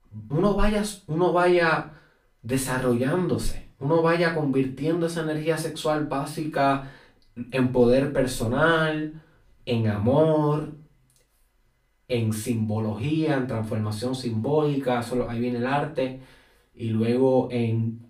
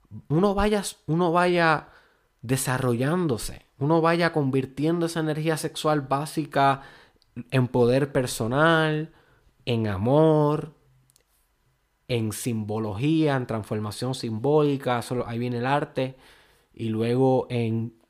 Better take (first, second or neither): second